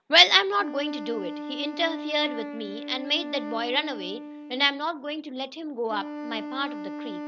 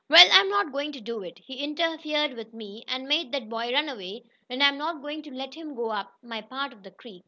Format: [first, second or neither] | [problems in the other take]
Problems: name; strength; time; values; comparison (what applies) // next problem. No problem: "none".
second | background sound (Wind instrument, woodwind instrument); 9 dB below the speech